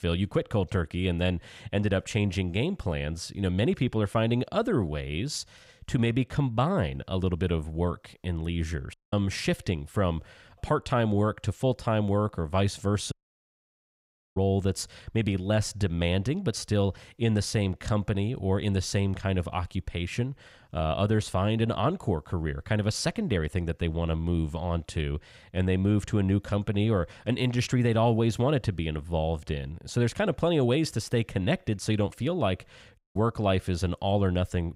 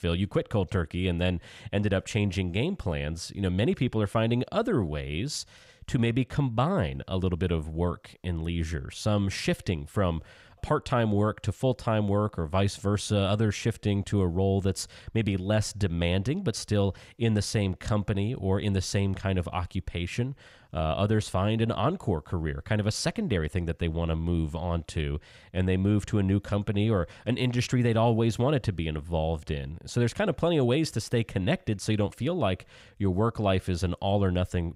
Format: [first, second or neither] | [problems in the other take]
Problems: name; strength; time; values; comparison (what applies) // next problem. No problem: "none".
second | audio cutting out; at 9 s, at 13 s for 1 s and at 33 s